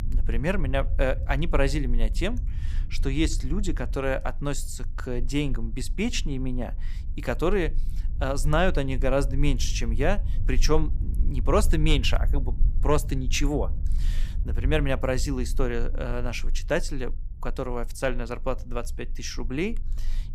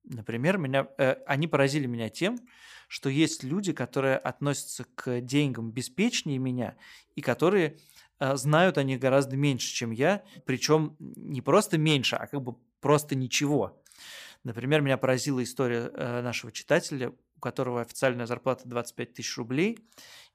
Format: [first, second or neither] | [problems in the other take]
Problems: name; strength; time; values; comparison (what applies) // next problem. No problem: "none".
second | low rumble; faint; throughout; 20 dB below the speech